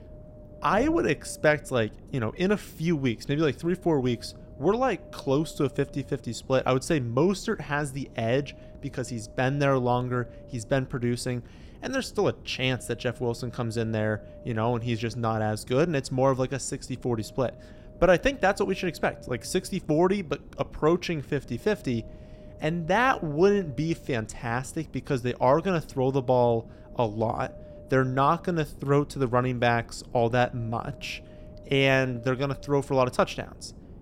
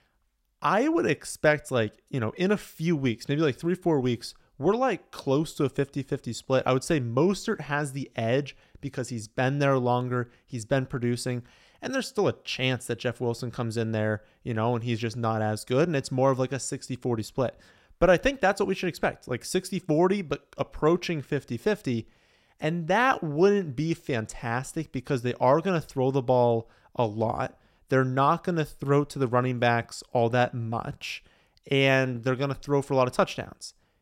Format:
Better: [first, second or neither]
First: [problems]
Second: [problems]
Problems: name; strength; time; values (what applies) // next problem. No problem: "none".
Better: second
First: wind noise on the microphone; occasional gusts; 20 dB below the speech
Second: none